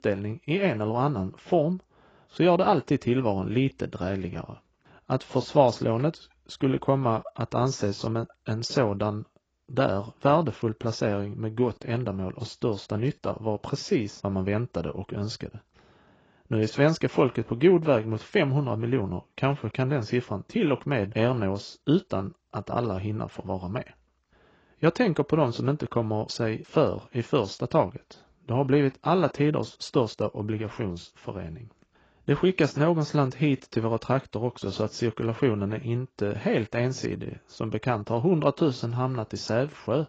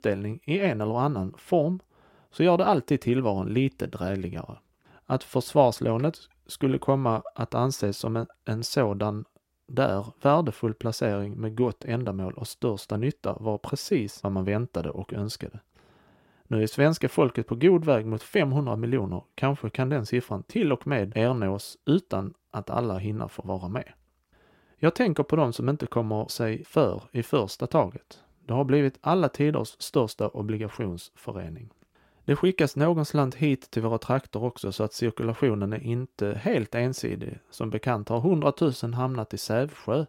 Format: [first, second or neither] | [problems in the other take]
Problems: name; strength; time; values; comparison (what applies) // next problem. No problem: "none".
second | garbled, watery; badly; nothing above 7.5 kHz